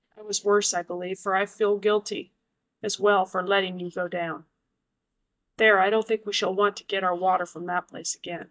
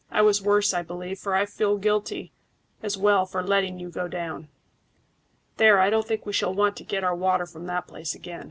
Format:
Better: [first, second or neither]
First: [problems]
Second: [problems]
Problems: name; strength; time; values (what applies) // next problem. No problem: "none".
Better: second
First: noise reduction (neural mask model DeepFilterNet 3)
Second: none